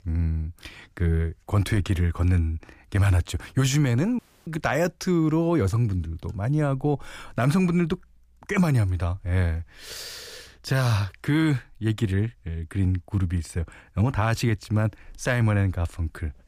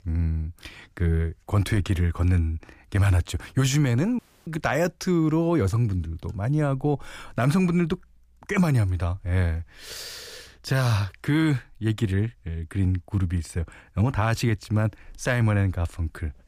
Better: neither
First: audio cutting out; at 4 s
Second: audio cutting out; at 4 s

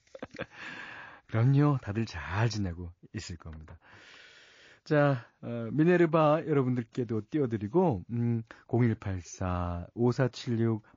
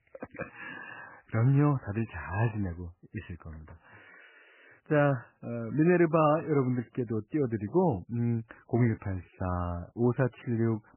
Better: first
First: garbled, watery; slightly; nothing above 6.5 kHz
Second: garbled, watery; badly; nothing above 3 kHz

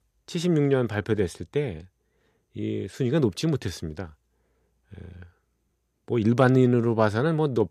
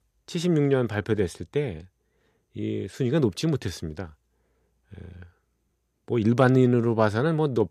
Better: neither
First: none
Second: none

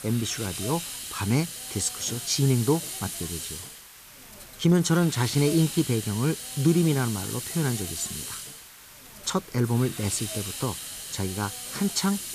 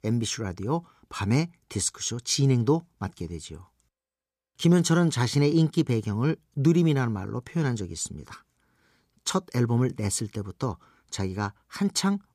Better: second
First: hiss; loud; throughout; 7 dB below the speech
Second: none

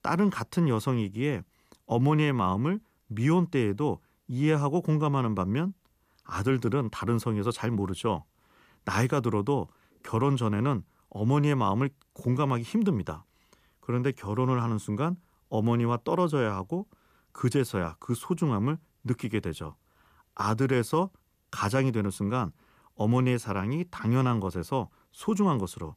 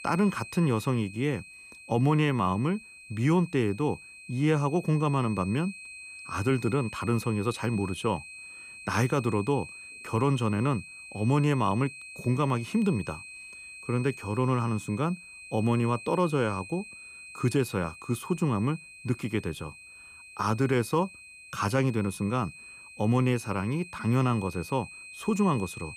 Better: first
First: none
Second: high-pitched whine; noticeable; throughout; 2.5 kHz, 15 dB below the speech

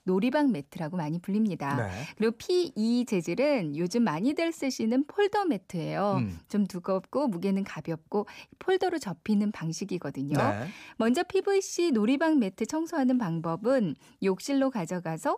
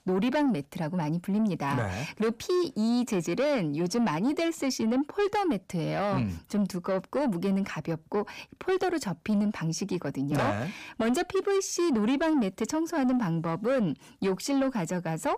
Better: first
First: none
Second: distortion; slight; 10 dB below the speech

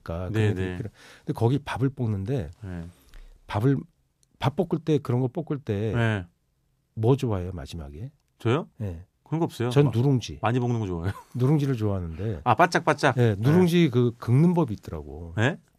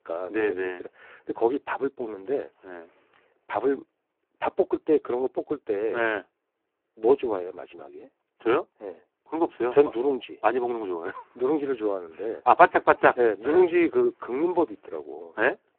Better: first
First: none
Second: phone-call audio; poor line

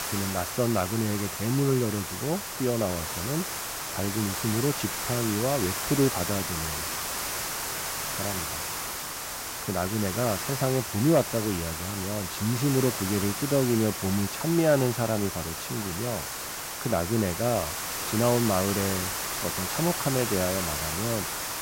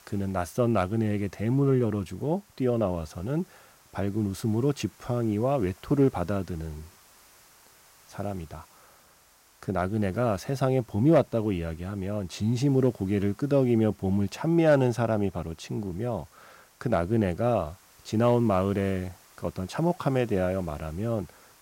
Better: second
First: hiss; loud; throughout; 2 dB below the speech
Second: hiss; faint; throughout; 30 dB below the speech

